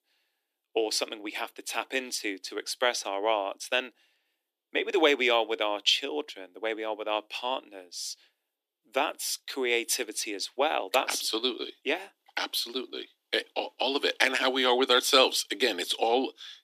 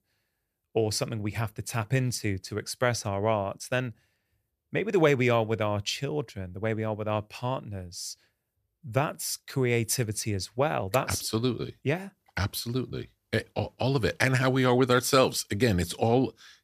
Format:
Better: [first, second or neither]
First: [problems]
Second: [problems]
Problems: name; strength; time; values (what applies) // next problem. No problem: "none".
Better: second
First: thin; somewhat; fading below 300 Hz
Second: none